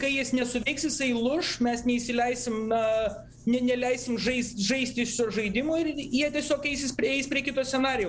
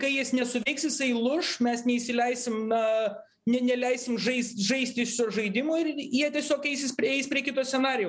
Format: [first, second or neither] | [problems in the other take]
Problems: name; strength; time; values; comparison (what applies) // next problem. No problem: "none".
second | background sound (Engine + Rattle (instrument)); 20 dB below the speech